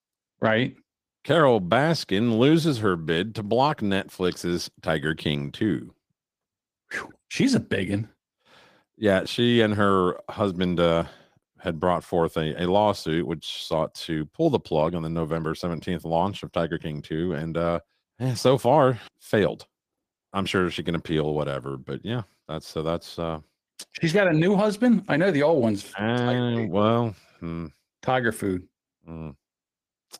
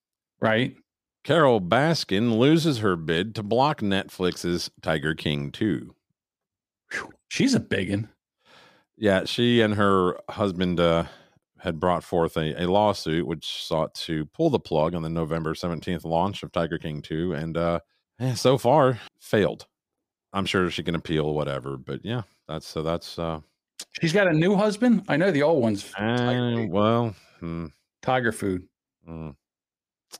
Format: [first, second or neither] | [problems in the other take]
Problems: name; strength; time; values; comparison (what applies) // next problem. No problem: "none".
second | garbled, watery; slightly; nothing above 15 kHz